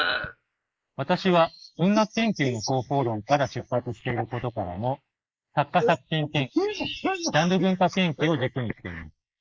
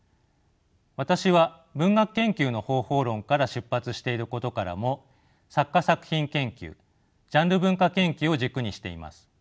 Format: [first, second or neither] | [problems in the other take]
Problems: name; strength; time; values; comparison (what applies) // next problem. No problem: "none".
second | noise reduction (neural mask model Resemble Enhance denoiser)